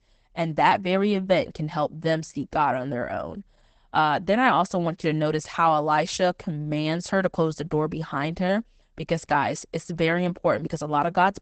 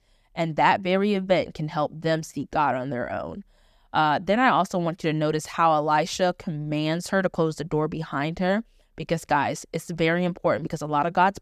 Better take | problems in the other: second | garbled, watery; badly; nothing above 8 kHz

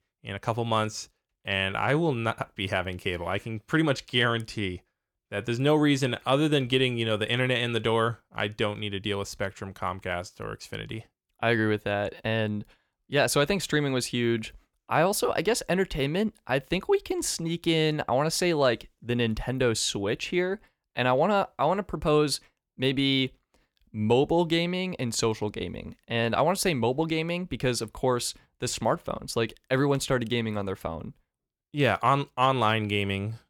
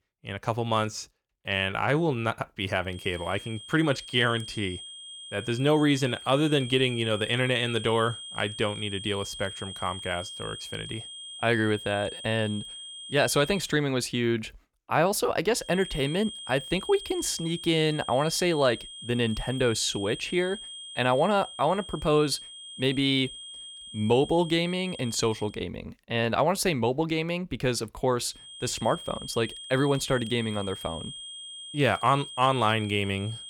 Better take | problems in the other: first | high-pitched whine; noticeable; from 3 to 14 s, from 16 to 26 s and from 28 s on; 3 kHz, 10 dB below the speech

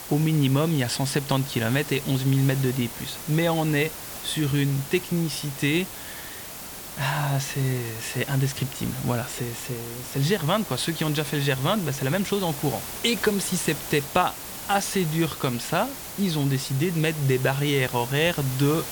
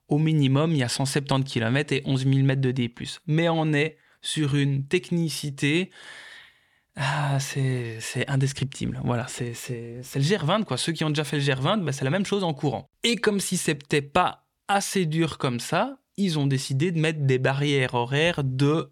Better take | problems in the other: second | hiss; loud; throughout; 9 dB below the speech

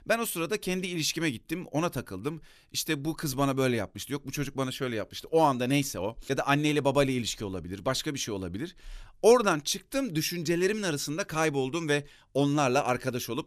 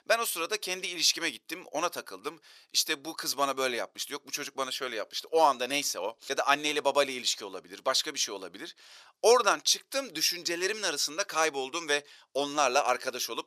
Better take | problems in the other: first | thin; very; fading below 600 Hz

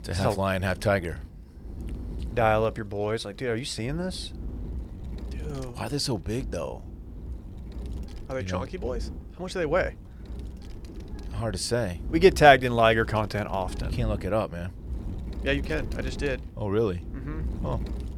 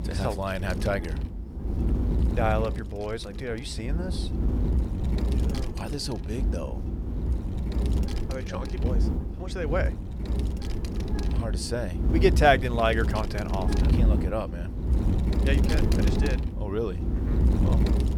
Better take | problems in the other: first | wind noise on the microphone; heavy; 8 dB below the speech; occasional gusts in the first

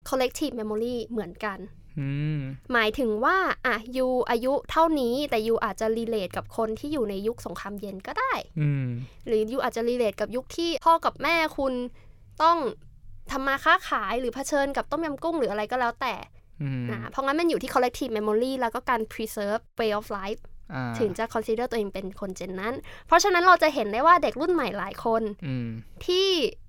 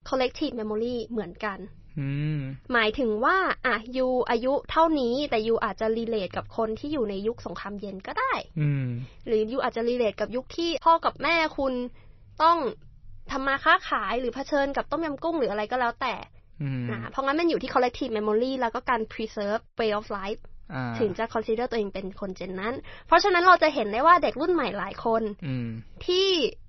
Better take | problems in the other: first | garbled, watery; slightly; nothing above 6 kHz

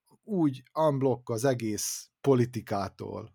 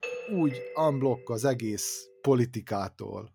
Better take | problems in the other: first | doorbell; noticeable; until 1.5 s; peak 7 dB below the speech

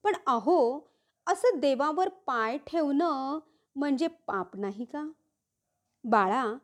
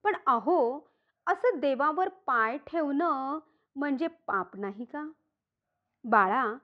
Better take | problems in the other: first | muffled; slightly; fading above 2.5 kHz

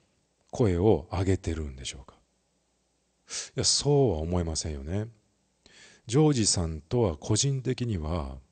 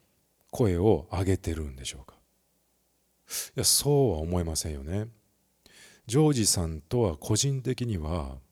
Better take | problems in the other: second | garbled, watery; slightly; nothing above 8.5 kHz

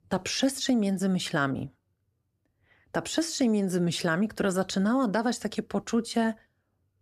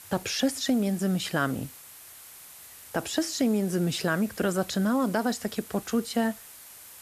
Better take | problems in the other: first | hiss; noticeable; throughout; 15 dB below the speech

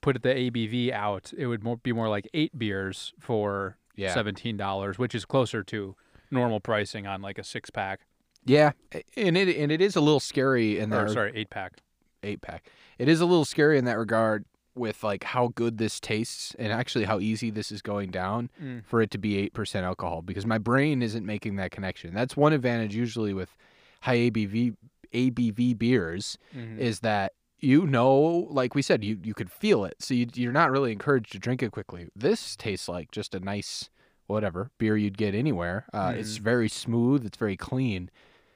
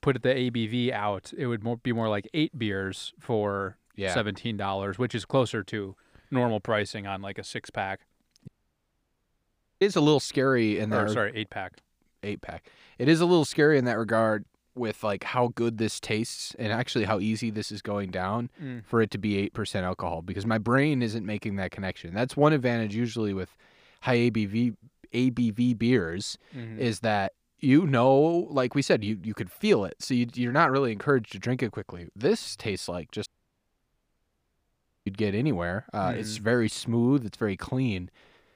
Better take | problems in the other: first | audio cutting out; at 8.5 s for 1.5 s and at 33 s for 2 s

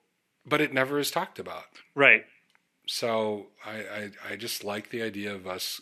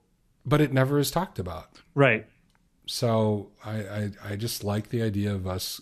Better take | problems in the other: second | thin; somewhat; fading below 300 Hz

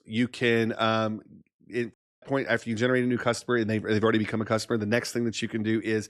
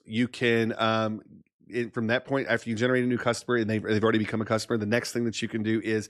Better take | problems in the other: second | audio cutting out; at 2 s

